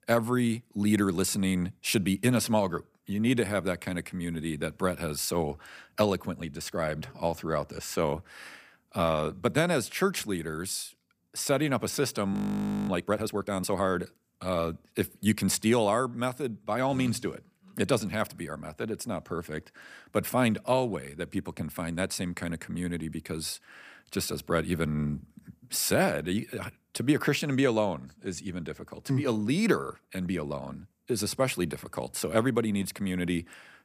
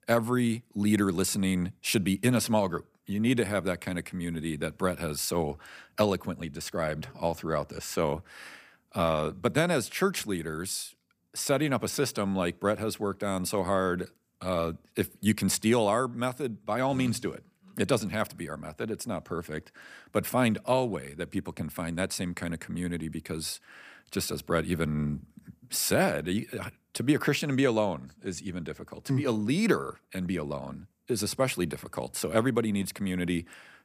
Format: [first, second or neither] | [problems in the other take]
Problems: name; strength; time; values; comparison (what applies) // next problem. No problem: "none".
second | audio freezing; at 12 s for 0.5 s